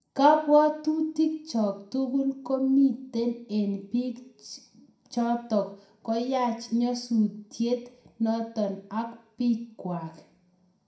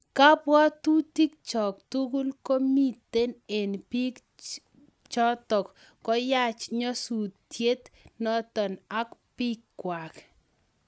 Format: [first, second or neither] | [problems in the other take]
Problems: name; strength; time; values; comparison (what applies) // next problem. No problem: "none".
second | room echo; dies away in 0.5 s